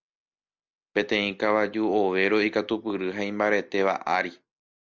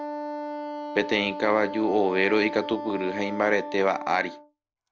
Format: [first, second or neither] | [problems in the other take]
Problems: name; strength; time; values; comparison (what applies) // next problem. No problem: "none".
first | background sound (Wind instrument, woodwind instrument); 8 dB below the speech